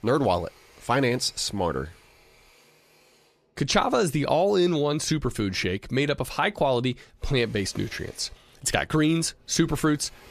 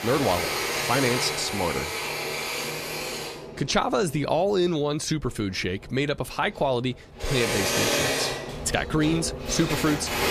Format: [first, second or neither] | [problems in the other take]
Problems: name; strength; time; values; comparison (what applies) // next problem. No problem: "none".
first | machinery noise; loud; throughout; 1 dB below the speech; faint in the first